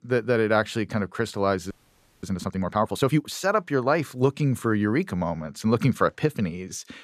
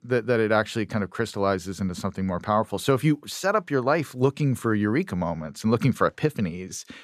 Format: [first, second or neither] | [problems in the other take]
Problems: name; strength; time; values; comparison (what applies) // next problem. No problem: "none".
second | audio freezing; at 1.5 s for 0.5 s